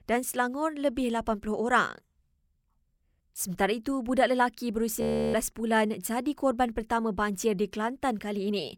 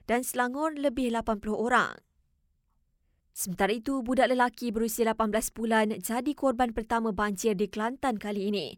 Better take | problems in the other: second | audio freezing; at 5 s

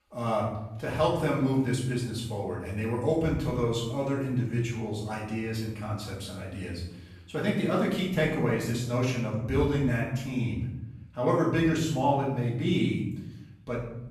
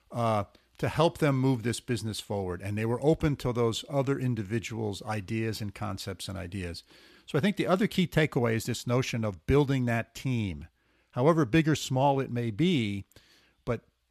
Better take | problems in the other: second | off-mic speech; far // room echo; noticeable; dies away in 0.9 s

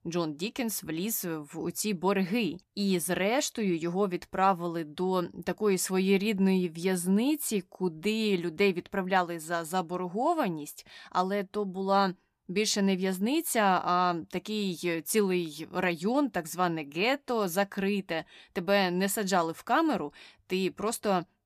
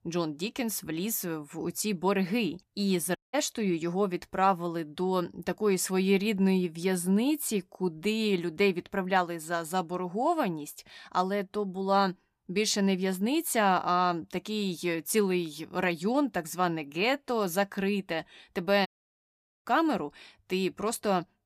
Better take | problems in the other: first | audio cutting out; at 3 s and at 19 s for 1 s

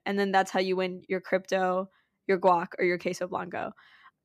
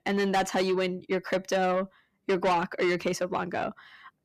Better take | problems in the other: first | distortion; heavy; 8 dB below the speech

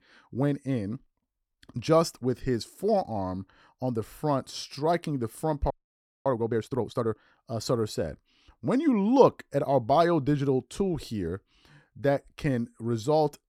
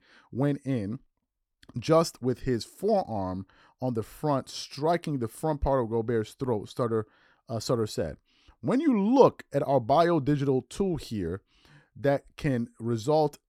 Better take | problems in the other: second | audio freezing; at 5.5 s for 0.5 s

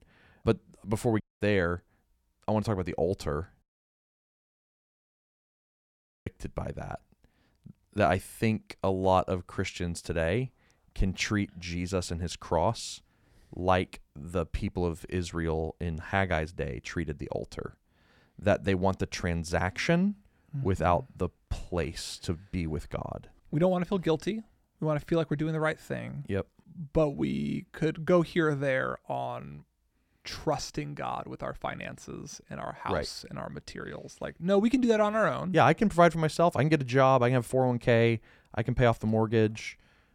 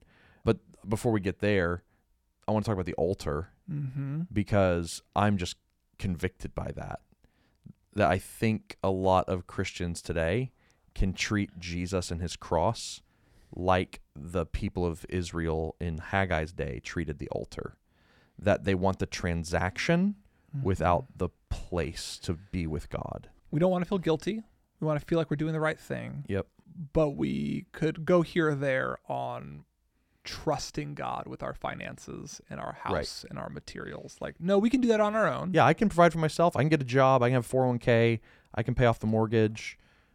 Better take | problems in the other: second | audio cutting out; at 1 s and at 3.5 s for 2.5 s

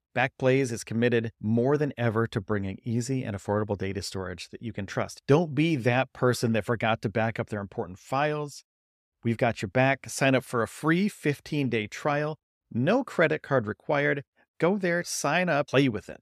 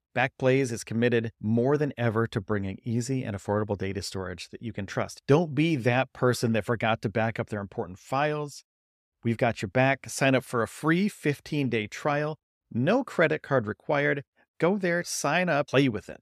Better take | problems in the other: neither | none

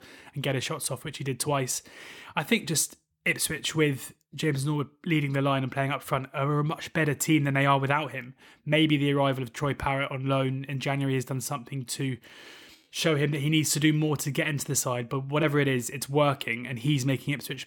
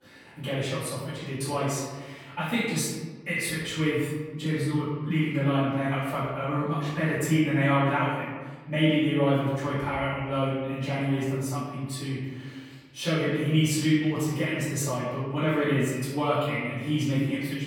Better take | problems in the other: first | off-mic speech; far // room echo; strong; dies away in 1.3 s

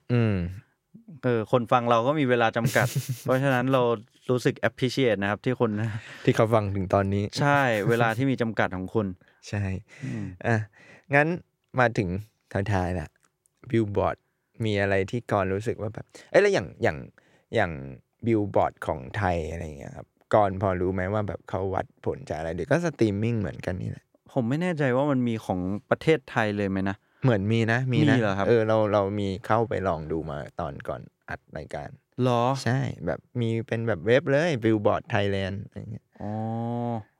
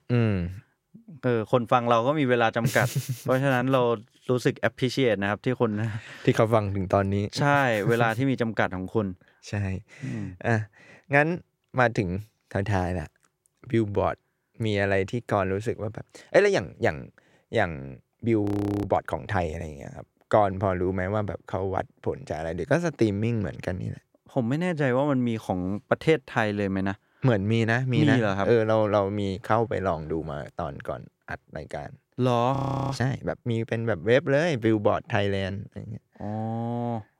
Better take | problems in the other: first | audio freezing; at 18 s and at 33 s

